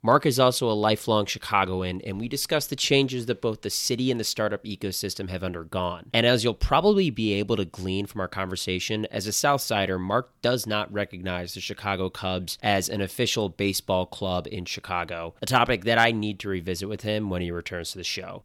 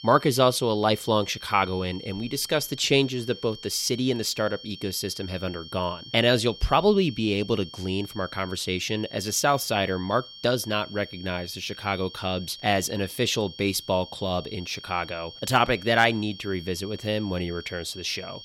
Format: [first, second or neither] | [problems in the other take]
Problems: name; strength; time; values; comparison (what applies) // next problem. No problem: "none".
first | high-pitched whine; noticeable; throughout; 3 kHz, 15 dB below the speech